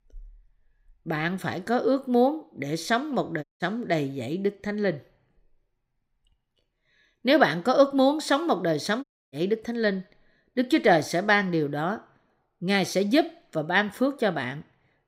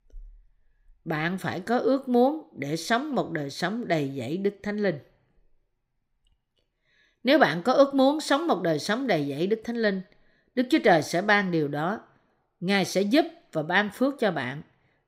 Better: second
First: audio cutting out; at 3.5 s and at 9 s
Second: none

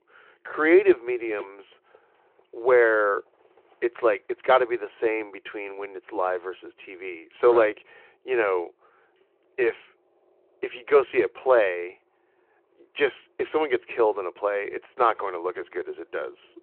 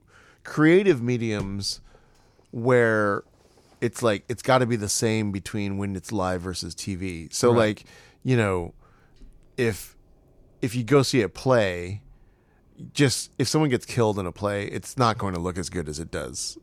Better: second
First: phone-call audio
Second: none

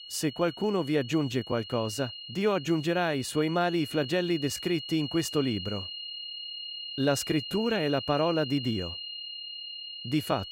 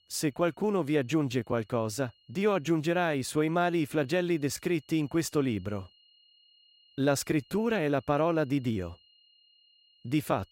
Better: second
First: high-pitched whine; loud; throughout; 3 kHz, 9 dB below the speech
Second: high-pitched whine; faint; throughout; 3 kHz, 30 dB below the speech

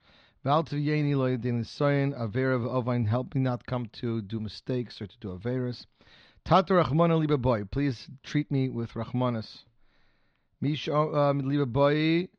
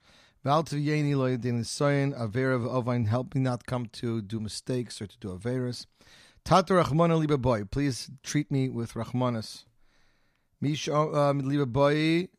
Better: second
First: muffled; very slightly; fading above 4 kHz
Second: none

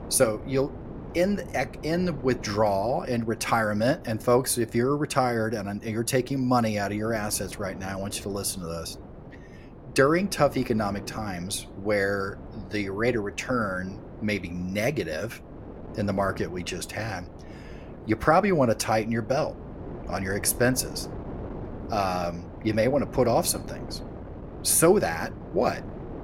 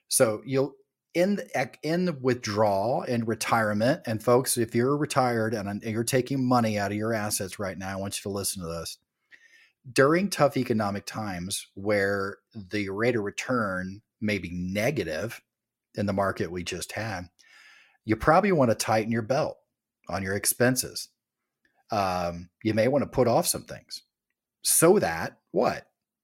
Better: second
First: wind noise on the microphone; occasional gusts; 20 dB below the speech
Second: none

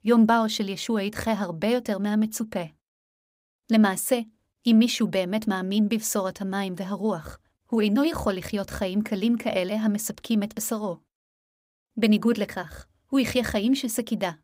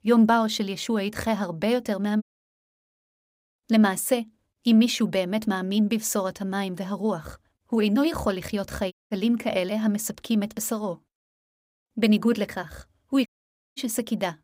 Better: first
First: none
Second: audio cutting out; at 2 s for 0.5 s, at 9 s and at 13 s for 0.5 s

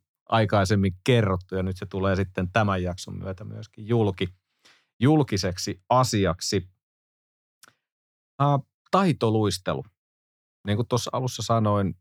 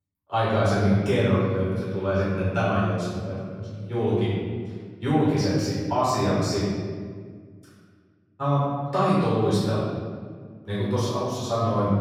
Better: first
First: none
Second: off-mic speech; far // room echo; strong; dies away in 1.8 s

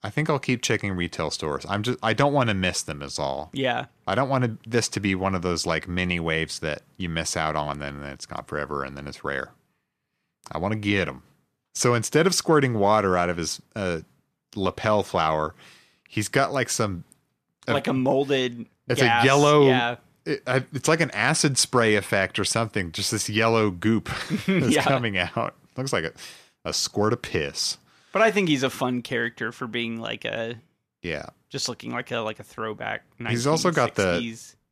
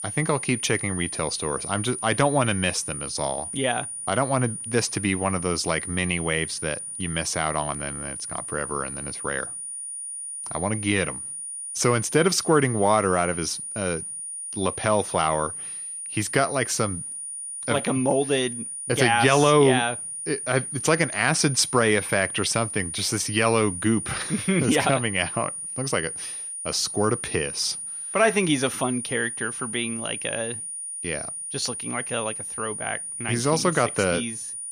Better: first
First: none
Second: high-pitched whine; loud; throughout; 9.5 kHz, 6 dB below the speech

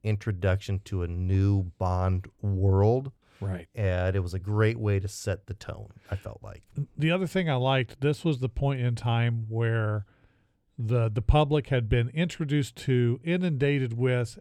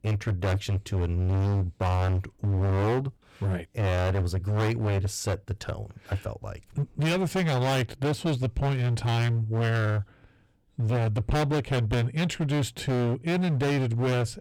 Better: first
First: none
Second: distortion; heavy; 28% of the sound clipped

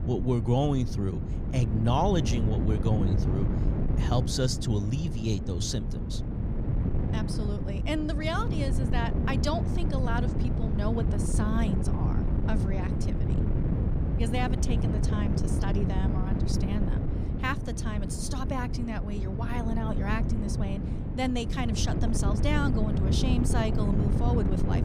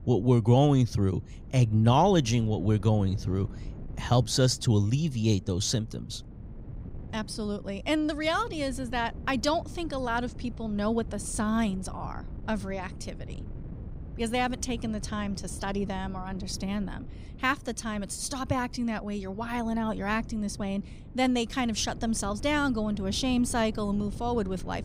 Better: second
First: wind noise on the microphone; heavy; 5 dB below the speech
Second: wind noise on the microphone; occasional gusts; 20 dB below the speech

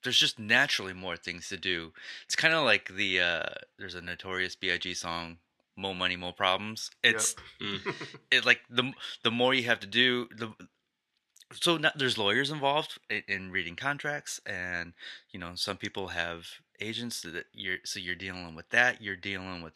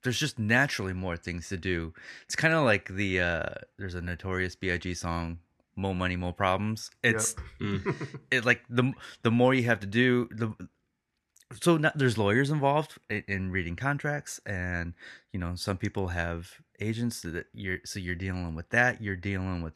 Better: second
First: thin; somewhat; fading below 900 Hz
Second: none

